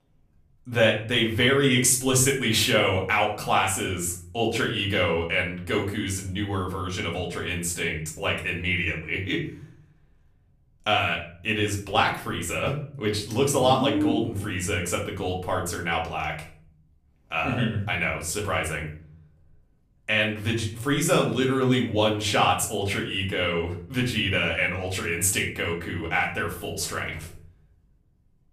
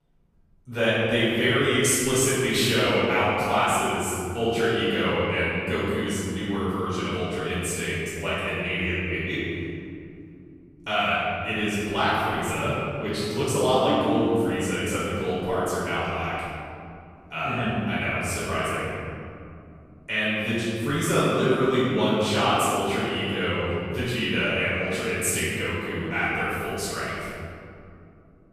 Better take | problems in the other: first | room echo; strong; dies away in 2.7 s; slight in the first // off-mic speech; far; far in the first

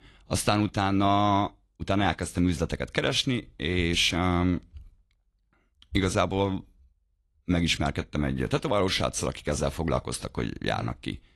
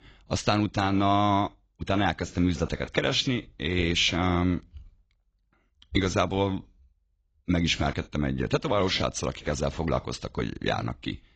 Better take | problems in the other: first | garbled, watery; badly; nothing above 7.5 kHz; slightly in the first

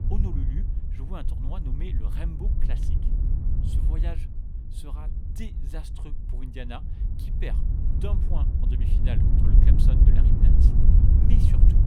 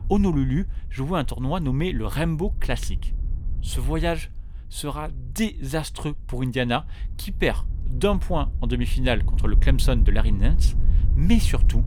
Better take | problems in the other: second | wind noise on the microphone; heavy; 3 dB above the speech; occasional gusts in the second

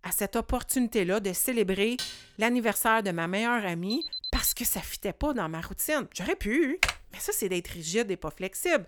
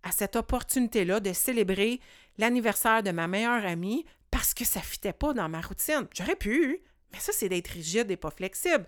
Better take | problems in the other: second | clattering dishes; noticeable; at 2 s; peak 7 dB below the speech // alarm; noticeable; at 4 s; peak 5 dB below the speech // keyboard typing; loud; at 7 s; peak 1 dB above the speech

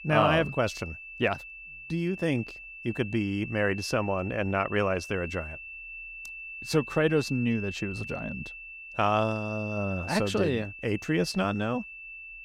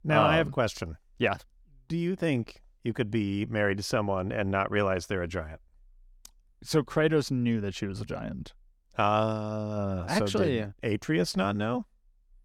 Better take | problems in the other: second | high-pitched whine; noticeable; throughout; 2.5 kHz, 10 dB below the speech

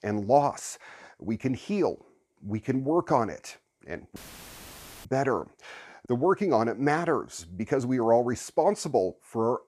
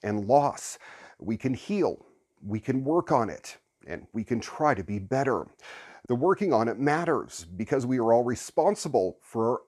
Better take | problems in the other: second | audio cutting out; filled with static; at 4 s for 1 s

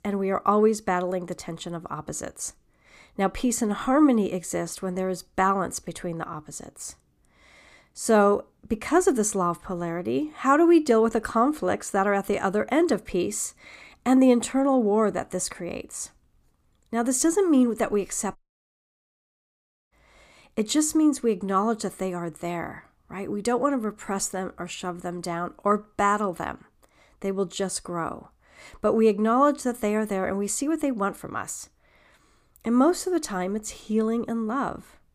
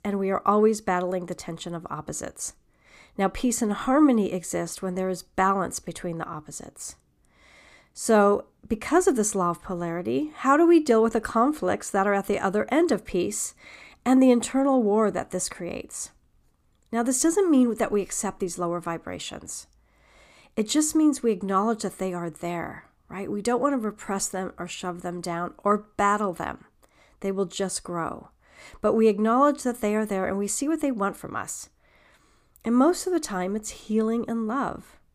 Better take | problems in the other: second | audio cutting out; at 18 s for 1.5 s

